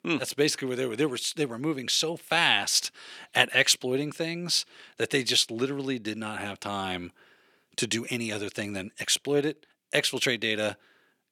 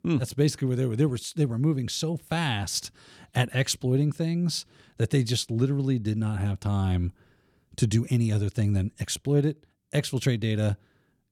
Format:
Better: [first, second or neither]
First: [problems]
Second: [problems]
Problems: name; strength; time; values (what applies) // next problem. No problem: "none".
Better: second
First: thin; very; fading below 400 Hz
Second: none